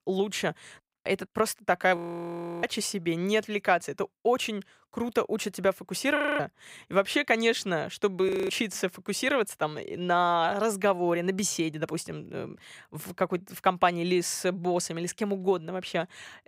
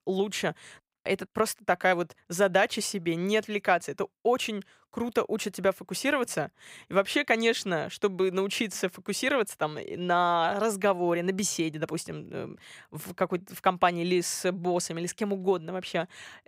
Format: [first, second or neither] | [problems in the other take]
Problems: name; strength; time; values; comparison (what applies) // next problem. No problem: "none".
second | audio freezing; at 2 s for 0.5 s, at 6 s and at 8.5 s